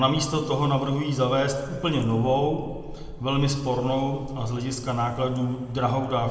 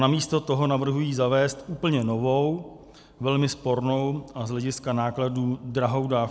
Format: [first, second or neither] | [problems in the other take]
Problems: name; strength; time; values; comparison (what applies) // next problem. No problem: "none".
second | background sound (Engine); 17 dB below the speech // room echo; dies away in 1.7 s